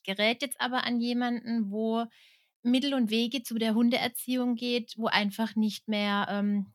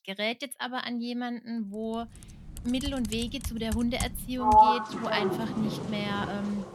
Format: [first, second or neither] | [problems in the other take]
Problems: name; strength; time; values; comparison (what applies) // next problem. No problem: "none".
first | household noises; very loud; from 2 s on; 4 dB above the speech